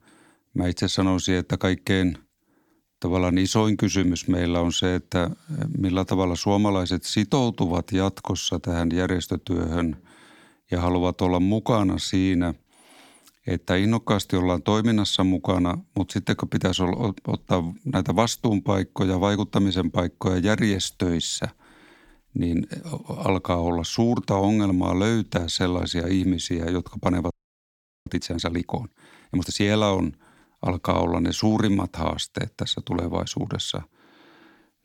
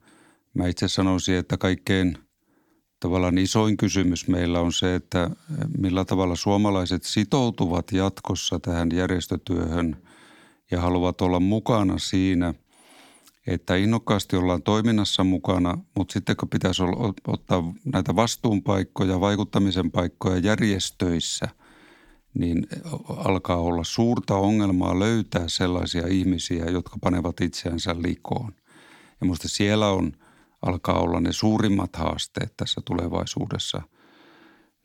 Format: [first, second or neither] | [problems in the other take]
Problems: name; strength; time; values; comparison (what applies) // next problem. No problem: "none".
second | audio freezing; at 27 s for 1 s